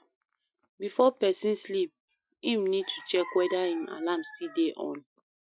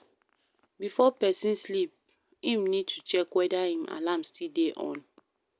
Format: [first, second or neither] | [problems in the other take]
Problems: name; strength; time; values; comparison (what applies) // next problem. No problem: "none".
second | noise reduction (classical method Wiener filter)